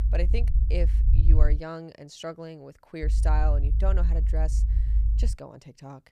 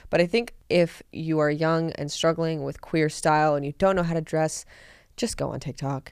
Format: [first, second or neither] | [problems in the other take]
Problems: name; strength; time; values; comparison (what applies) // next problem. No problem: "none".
second | low rumble; loud; until 1.5 s and from 3 to 5.5 s; 8 dB below the speech